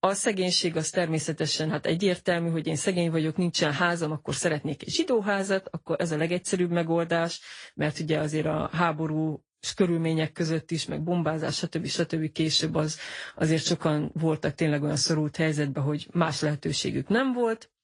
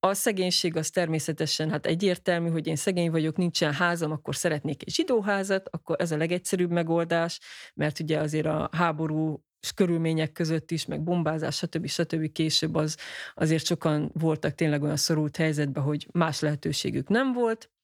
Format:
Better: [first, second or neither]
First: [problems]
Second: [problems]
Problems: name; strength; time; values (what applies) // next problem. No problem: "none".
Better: second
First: garbled, watery; slightly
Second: none